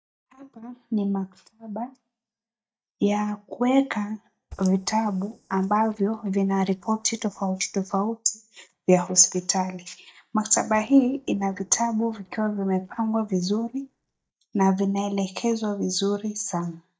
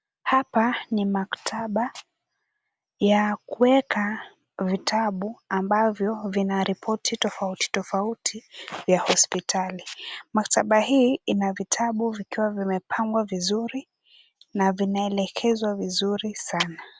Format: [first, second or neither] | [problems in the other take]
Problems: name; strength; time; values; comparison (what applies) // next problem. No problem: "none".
second | noise reduction (neural mask model DeepFilterNet 3)